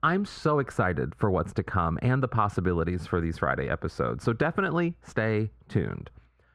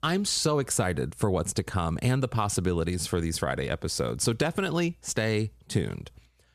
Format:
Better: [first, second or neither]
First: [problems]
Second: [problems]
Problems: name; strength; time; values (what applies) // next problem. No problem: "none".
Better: second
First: muffled; very; fading above 3.5 kHz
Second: none